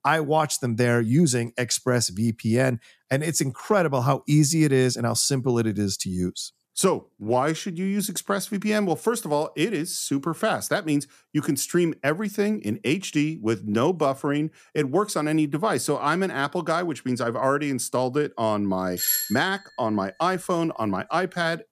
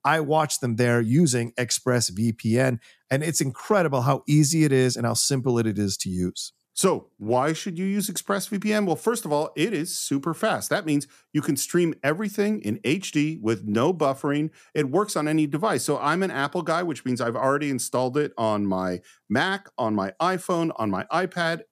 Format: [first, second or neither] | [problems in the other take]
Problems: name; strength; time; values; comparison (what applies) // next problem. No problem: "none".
second | doorbell; loud; at 19 s; peak 2 dB above the speech